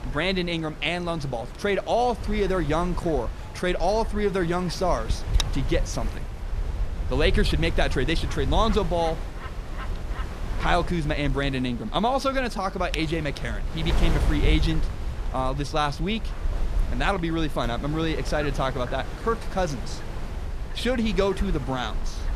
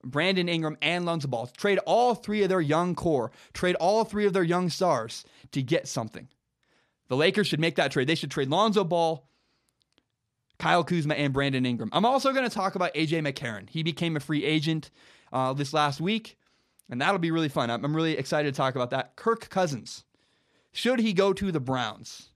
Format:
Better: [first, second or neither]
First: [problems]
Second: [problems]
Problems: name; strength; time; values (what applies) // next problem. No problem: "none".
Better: second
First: wind noise on the microphone; occasional gusts; 15 dB below the speech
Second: none